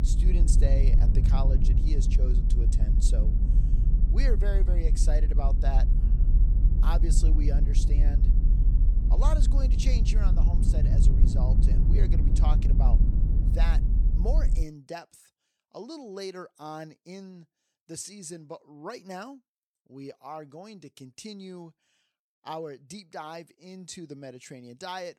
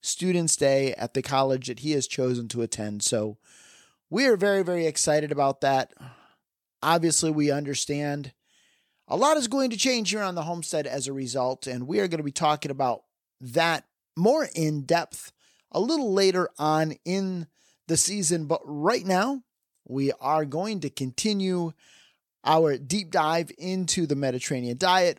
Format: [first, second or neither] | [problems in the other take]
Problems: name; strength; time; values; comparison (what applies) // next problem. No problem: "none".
second | low rumble; loud; until 15 s; 4 dB below the speech